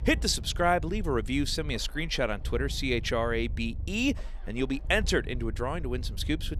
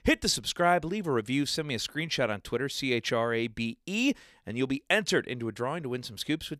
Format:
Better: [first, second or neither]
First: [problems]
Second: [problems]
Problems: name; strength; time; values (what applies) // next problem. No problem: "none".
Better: second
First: low rumble; faint; throughout; 25 dB below the speech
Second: none